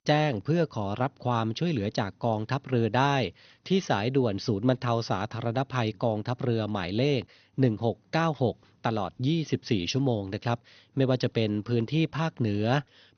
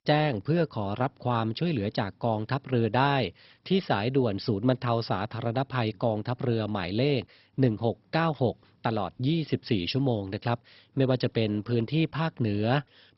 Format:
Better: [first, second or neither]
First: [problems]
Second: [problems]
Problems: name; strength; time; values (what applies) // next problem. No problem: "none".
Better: first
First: garbled, watery; slightly; nothing above 6.5 kHz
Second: garbled, watery; badly; nothing above 5.5 kHz